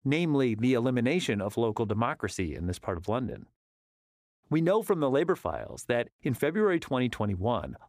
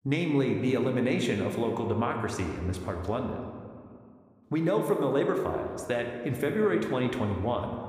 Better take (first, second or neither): first